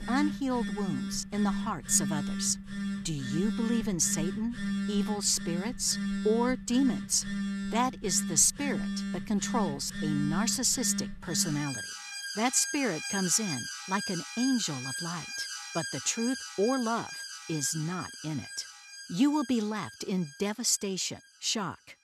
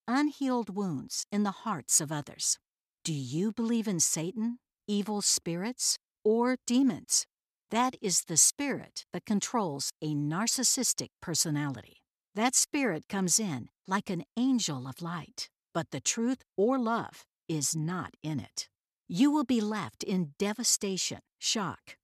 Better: second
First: alarms or sirens; loud; throughout; 6 dB below the speech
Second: none

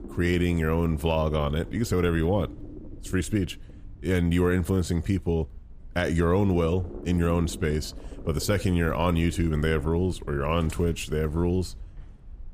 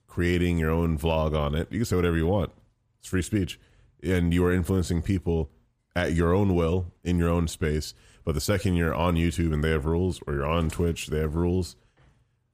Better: second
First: low rumble; noticeable; throughout; 20 dB below the speech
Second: none

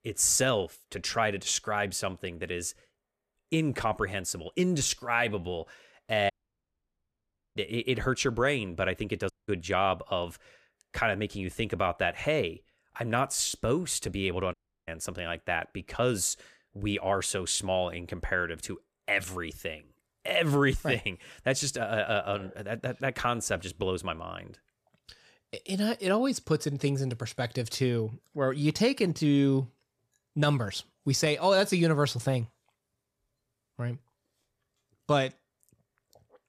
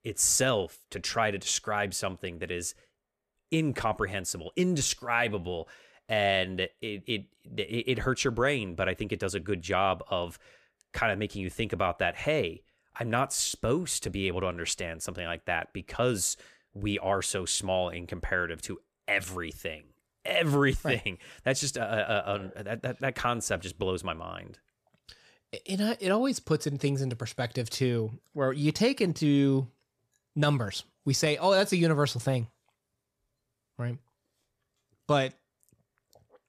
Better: second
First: audio cutting out; at 6.5 s for 1.5 s, at 9.5 s and at 15 s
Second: none

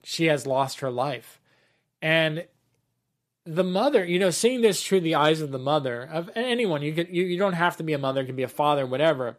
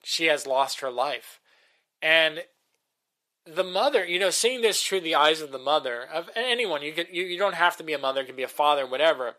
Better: first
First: none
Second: thin; very; fading below 550 Hz

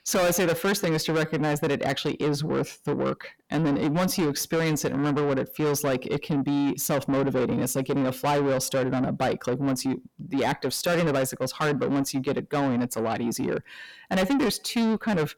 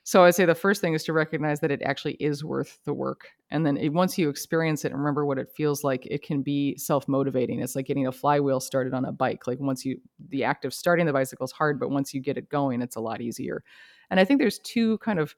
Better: second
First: distortion; heavy; 6 dB below the speech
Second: none

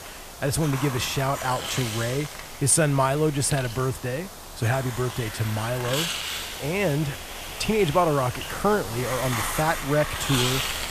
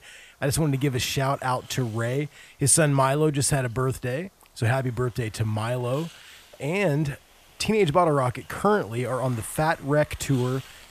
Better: second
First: hiss; loud; throughout; 6 dB below the speech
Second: hiss; faint; throughout; 25 dB below the speech

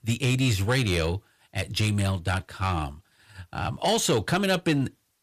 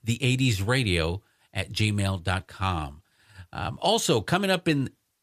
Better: second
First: distortion; slight; 10 dB below the speech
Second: none

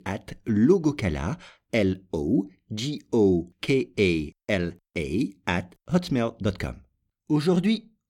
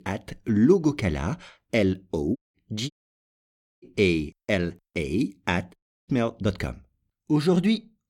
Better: first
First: none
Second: audio cutting out; at 2.5 s, at 3 s for 1 s and at 6 s

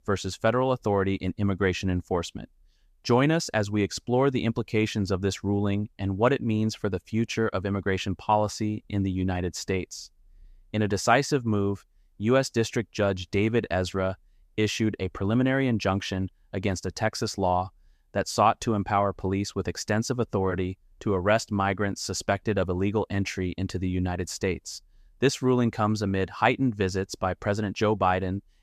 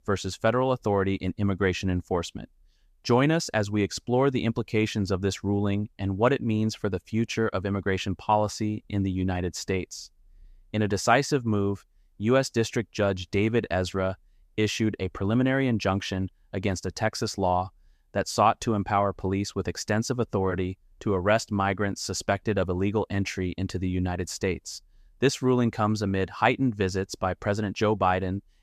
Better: neither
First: none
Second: none

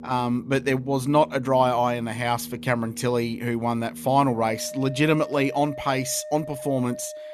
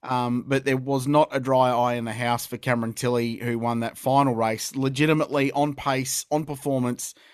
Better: second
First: background music; noticeable; throughout; 15 dB below the speech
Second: none

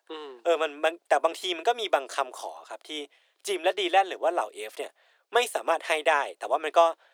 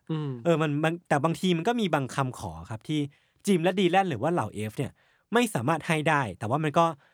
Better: second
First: thin; very; fading below 400 Hz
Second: none

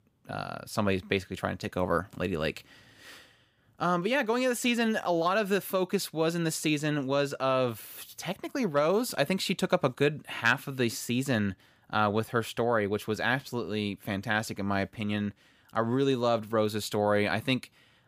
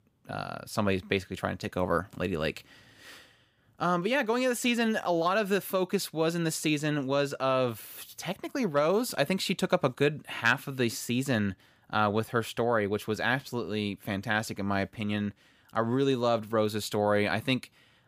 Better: neither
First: none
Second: none

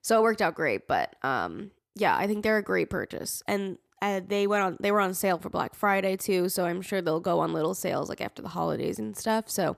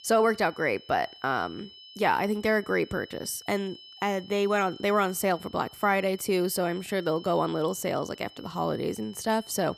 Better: first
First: none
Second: high-pitched whine; noticeable; throughout; 3 kHz, 20 dB below the speech

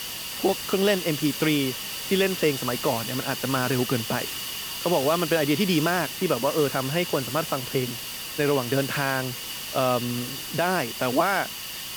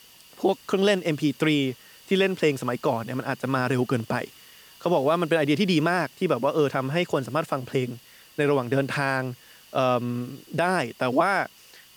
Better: second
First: hiss; loud; throughout; 5 dB below the speech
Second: hiss; faint; throughout; 25 dB below the speech

